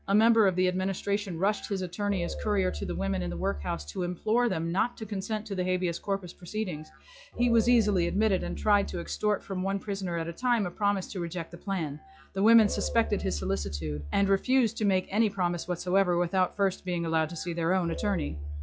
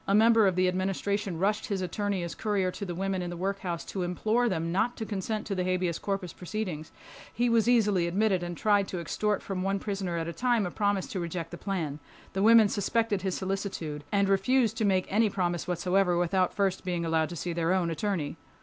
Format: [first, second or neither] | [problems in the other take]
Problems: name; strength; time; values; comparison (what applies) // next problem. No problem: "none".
second | noise reduction (classical method log-MMSE)